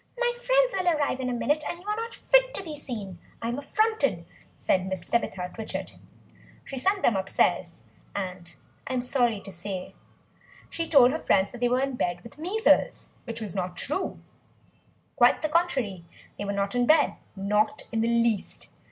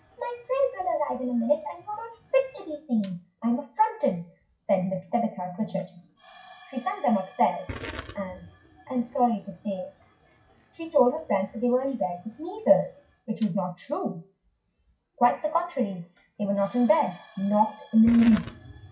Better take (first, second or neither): first